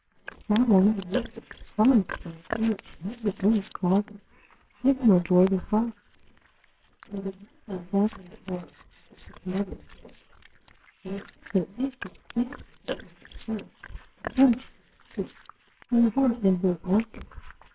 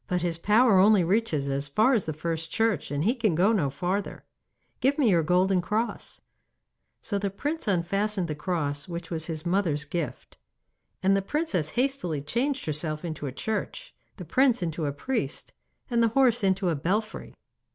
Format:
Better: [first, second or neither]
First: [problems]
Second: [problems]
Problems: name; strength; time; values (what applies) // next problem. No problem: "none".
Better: second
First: noise reduction (neural separator model SepFormer WHAMR!)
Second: none